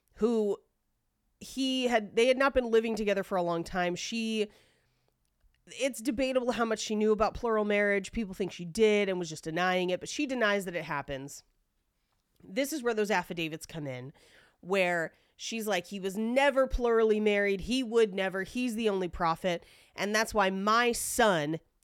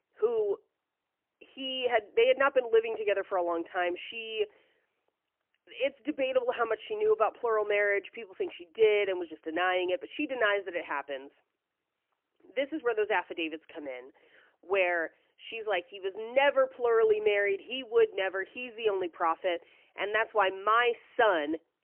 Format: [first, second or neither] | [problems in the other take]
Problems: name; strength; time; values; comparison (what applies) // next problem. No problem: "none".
first | phone-call audio; poor line; nothing above 3 kHz